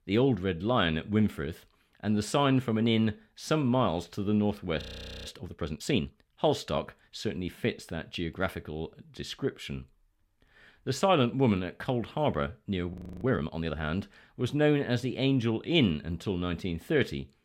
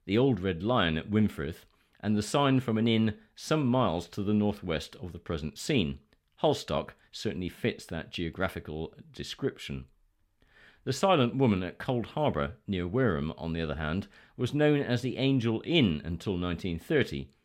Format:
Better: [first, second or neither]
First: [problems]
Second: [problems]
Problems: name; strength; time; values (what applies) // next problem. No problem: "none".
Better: second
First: audio freezing; at 5 s and at 13 s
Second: none